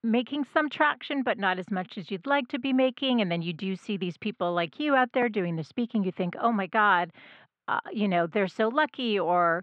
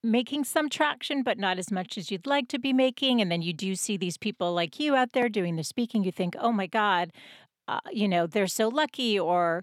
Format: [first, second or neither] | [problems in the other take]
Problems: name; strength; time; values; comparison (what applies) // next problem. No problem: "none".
second | muffled; very; fading above 3 kHz